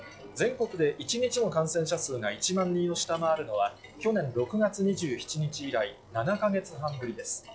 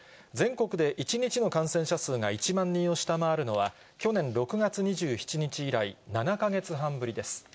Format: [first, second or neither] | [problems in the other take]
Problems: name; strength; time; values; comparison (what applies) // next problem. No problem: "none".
second | noise reduction (classical method log-MMSE)